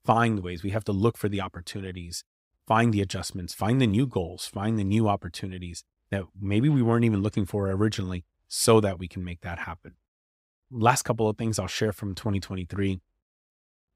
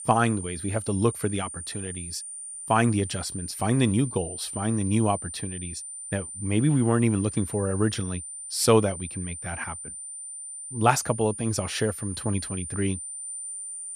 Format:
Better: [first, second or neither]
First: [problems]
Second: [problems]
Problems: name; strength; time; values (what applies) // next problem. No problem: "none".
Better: first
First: none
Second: high-pitched whine; loud; throughout; 9 kHz, 8 dB below the speech